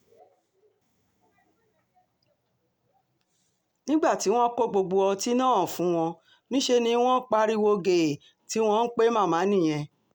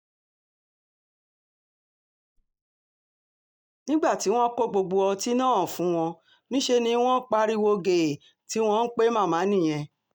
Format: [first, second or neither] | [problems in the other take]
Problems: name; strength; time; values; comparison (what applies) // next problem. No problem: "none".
first | noise reduction (neural mask model DeepFilterNet 3)